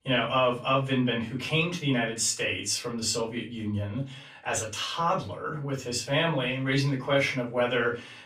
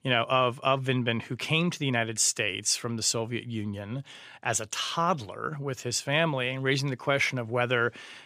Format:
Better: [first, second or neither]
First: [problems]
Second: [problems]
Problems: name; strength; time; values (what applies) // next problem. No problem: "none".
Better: second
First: room echo; slight; dies away in 0.3 s // off-mic speech; far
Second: none